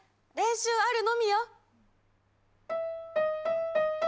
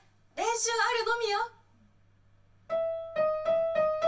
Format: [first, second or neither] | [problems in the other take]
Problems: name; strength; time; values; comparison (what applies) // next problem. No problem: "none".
first | room echo; dies away in 0.1 s